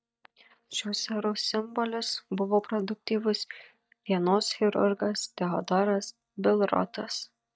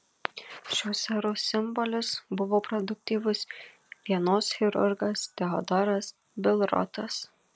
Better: second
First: noise reduction (neural mask model DeepFilterNet 3)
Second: none

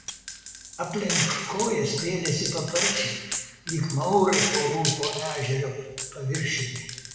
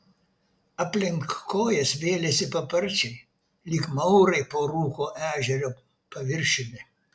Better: second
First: background sound (Gunshot, gunfire); 4 dB below the speech // room echo; dies away in 1.2 s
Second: none

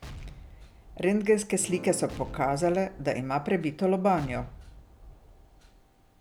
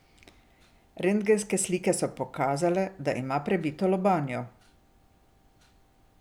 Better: second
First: background sound (Explosion + Acoustic guitar / Strum); 16 dB below the speech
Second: none

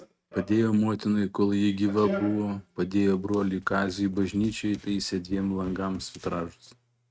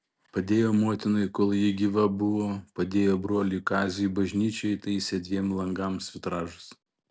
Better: second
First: noise reduction (neural mask model RNNoise)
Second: none

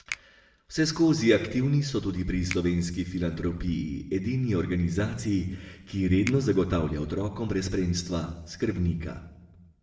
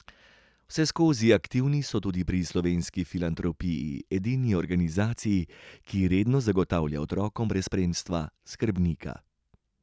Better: second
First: background sound (Finger snapping); 19 dB below the speech // room echo; dies away in 0.8 s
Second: none

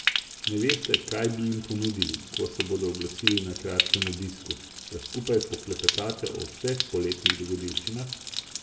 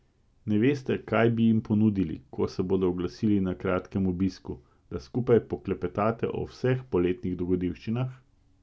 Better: second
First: background sound (Stream); as loud as the speech // room echo; dies away in 1.2 s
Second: none

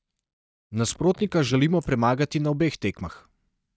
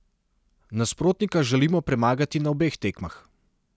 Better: second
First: noise reduction (neural mask model DeepFilterNet 3)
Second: none

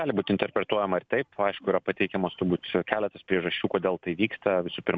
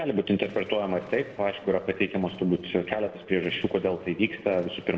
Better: first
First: none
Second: noise reduction (neural separator model SepFormer DNS4)

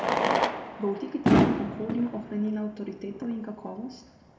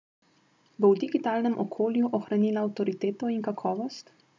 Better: second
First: background sound (Fireworks); 4 dB above the speech // room echo; dies away in 1 s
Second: none

